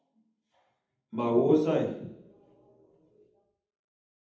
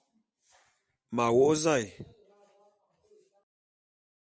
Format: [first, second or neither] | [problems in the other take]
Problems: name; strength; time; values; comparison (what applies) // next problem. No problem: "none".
second | room echo; dies away in 0.8 s